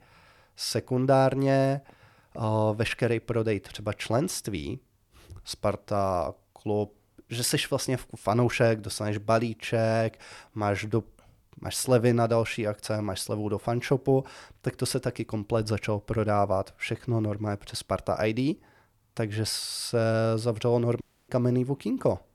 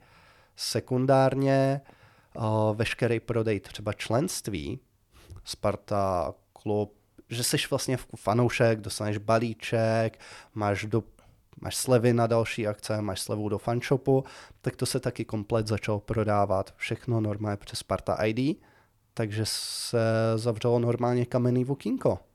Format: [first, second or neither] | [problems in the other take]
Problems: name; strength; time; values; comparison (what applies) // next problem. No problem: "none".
second | audio cutting out; at 21 s